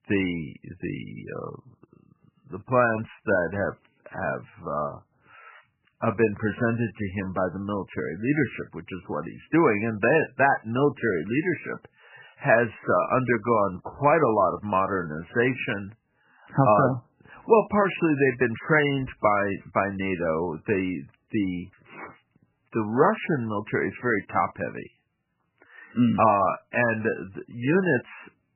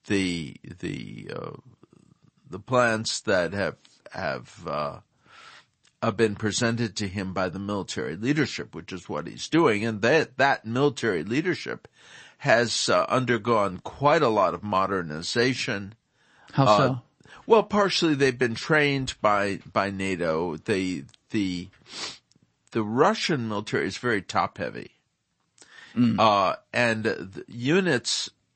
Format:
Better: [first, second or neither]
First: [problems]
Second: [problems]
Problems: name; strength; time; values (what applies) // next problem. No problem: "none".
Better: second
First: garbled, watery; badly; nothing above 3 kHz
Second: garbled, watery; slightly; nothing above 8 kHz